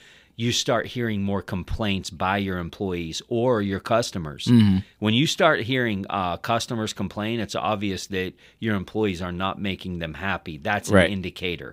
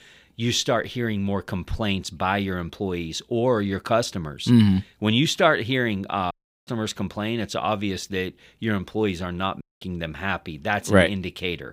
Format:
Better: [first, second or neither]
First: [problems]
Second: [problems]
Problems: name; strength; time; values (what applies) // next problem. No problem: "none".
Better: first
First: none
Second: audio cutting out; at 6.5 s and at 9.5 s